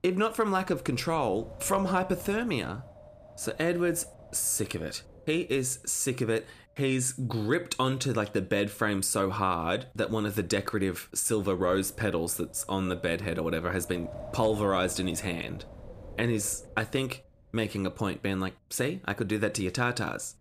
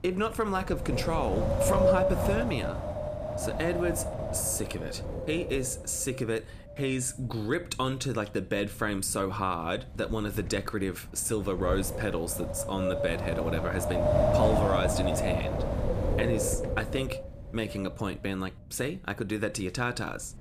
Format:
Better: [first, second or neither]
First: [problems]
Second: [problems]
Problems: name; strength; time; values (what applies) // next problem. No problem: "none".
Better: first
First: wind noise on the microphone; occasional gusts; 15 dB below the speech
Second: wind noise on the microphone; heavy; 1 dB above the speech